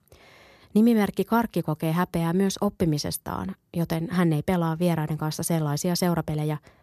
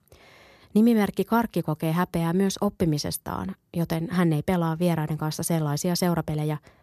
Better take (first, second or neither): neither